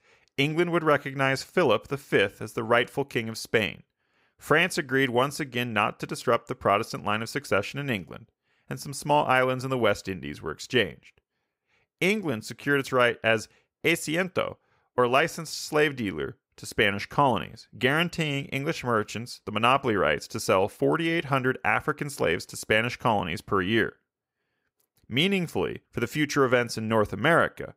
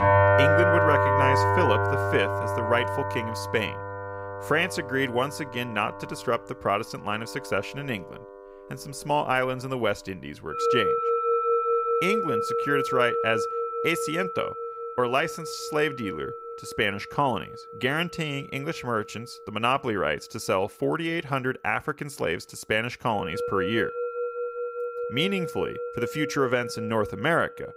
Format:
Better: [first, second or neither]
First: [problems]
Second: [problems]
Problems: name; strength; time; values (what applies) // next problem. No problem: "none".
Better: first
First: none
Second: background music; very loud; throughout; 1 dB above the speech